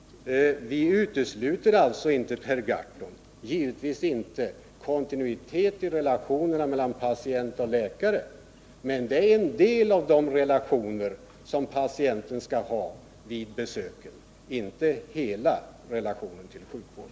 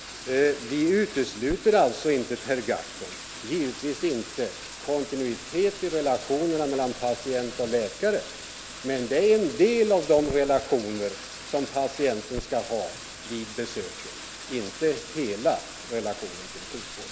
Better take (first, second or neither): first